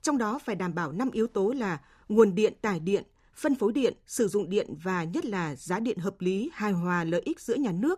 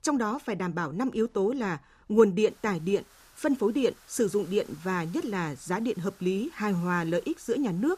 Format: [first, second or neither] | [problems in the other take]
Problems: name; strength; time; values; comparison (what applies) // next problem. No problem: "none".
first | hiss; faint; from 2.5 s on; 25 dB below the speech